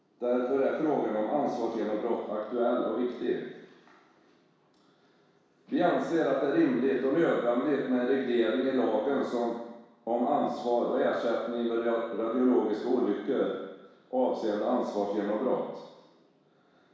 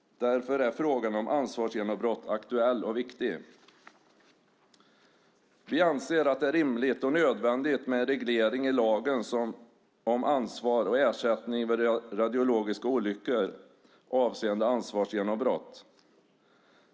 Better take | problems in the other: second | room echo; dies away in 1.1 s

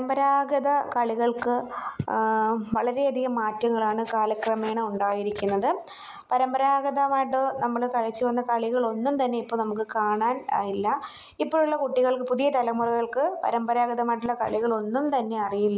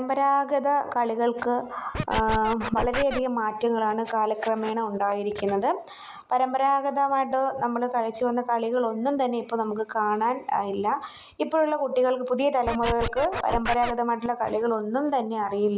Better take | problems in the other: first | background sound (Scratching (performance technique)); 6 dB below the speech

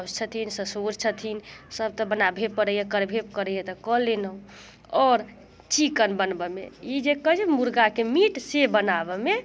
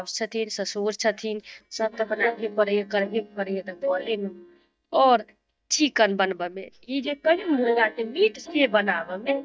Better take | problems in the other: first | noise reduction (neural mask model DeepFilterNet 3)

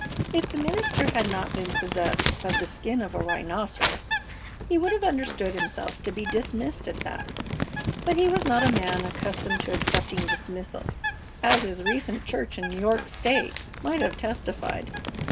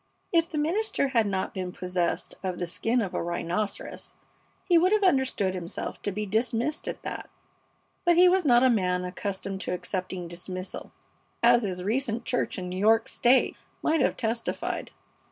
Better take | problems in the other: second | background sound (Bird + Crumpling, crinkling); 2 dB below the speech

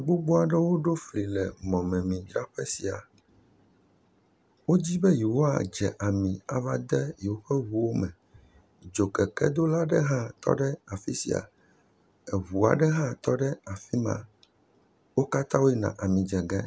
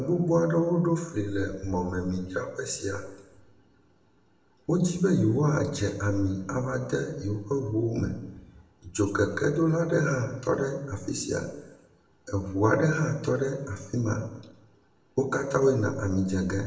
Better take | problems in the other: first | room echo; dies away in 0.9 s

